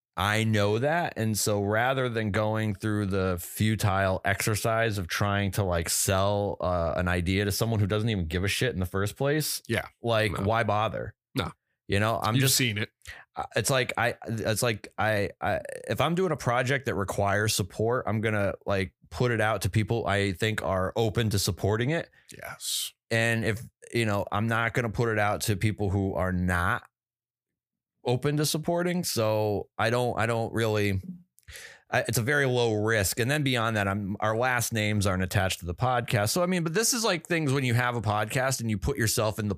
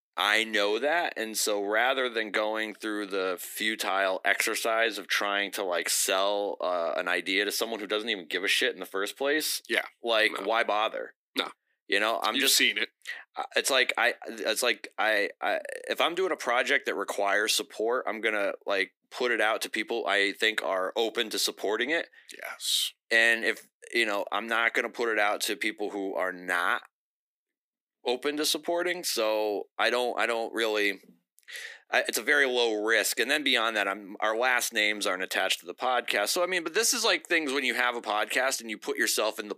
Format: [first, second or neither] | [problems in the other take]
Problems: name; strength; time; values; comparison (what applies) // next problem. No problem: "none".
first | thin; very; fading below 250 Hz